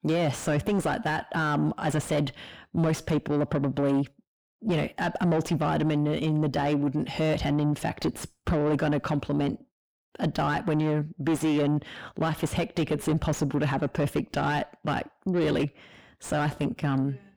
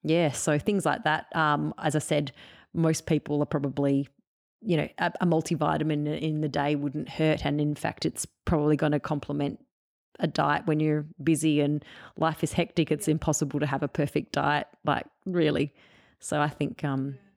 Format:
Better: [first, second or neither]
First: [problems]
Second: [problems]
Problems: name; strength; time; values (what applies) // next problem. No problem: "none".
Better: second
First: distortion; heavy; 7 dB below the speech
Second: none